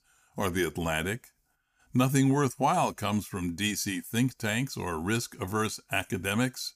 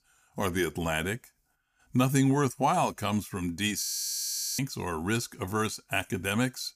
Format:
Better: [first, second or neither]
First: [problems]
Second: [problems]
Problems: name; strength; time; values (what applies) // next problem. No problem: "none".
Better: first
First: none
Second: audio freezing; at 4 s for 1 s